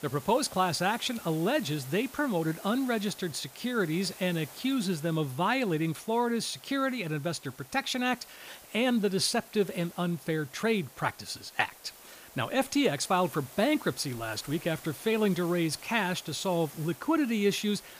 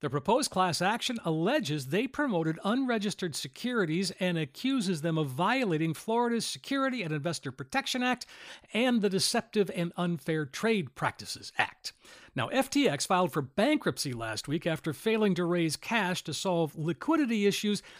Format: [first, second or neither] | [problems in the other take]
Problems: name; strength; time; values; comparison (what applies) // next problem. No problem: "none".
second | hiss; noticeable; throughout; 20 dB below the speech